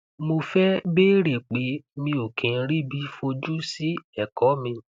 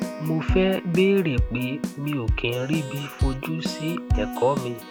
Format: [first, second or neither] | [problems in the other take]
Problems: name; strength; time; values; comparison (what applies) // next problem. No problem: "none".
first | background sound (Keyboard (musical)); 3 dB below the speech